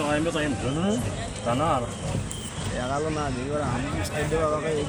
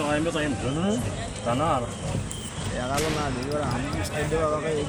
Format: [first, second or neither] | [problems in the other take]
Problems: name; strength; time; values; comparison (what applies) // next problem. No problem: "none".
first | background sound (Gunshot, gunfire); 11 dB below the speech